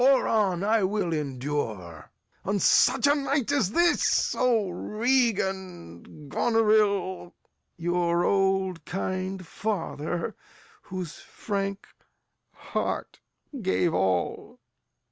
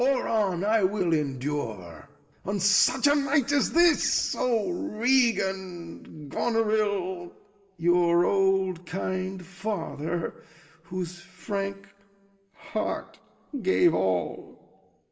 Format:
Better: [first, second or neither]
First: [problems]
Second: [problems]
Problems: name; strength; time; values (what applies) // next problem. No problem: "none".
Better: first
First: none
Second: room echo; dies away in 1.9 s